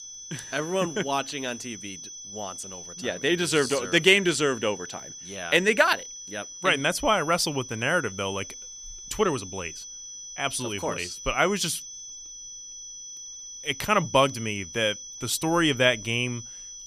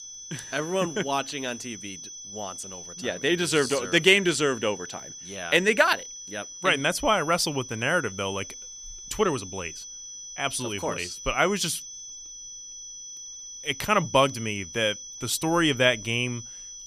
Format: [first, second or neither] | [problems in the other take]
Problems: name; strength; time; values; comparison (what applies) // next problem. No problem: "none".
neither | high-pitched whine; noticeable; throughout; 6 kHz, 15 dB below the speech; the same in both